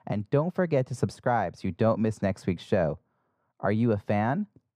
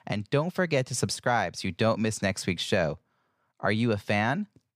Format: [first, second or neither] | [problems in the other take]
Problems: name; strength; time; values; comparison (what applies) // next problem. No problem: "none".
second | muffled; slightly; fading above 1.5 kHz